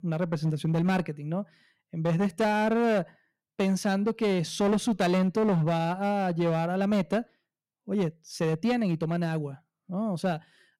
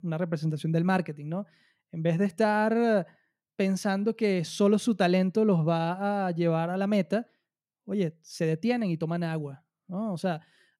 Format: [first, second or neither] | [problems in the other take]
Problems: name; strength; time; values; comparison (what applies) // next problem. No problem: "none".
second | distortion; slight; 10% of the sound clipped